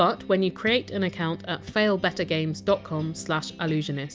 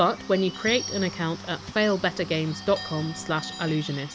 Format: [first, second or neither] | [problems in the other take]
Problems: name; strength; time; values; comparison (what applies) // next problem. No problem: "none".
first | background sound (Bird / Bell); 14 dB below the speech